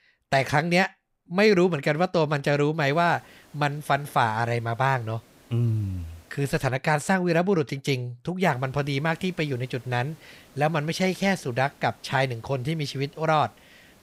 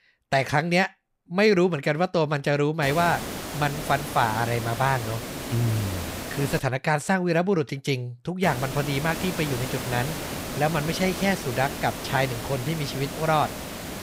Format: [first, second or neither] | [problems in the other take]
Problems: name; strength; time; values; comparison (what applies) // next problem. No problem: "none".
first | hiss; loud; from 3 to 6.5 s and from 8.5 s on; 7 dB below the speech; faint in the first